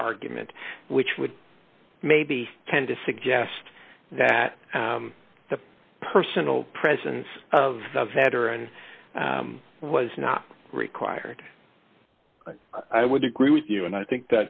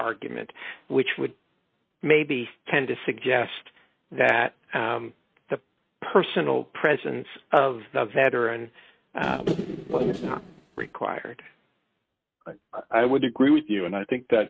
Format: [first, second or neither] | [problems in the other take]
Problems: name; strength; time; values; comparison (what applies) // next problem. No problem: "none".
first | noise reduction (neural mask model RNNoise)